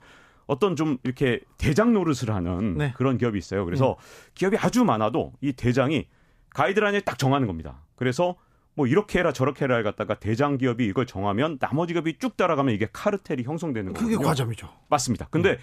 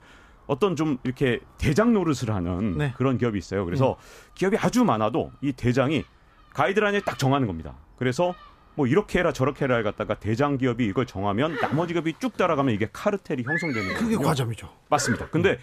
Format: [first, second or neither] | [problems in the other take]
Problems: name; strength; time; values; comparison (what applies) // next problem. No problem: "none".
first | animal sounds; loud; throughout; 10 dB below the speech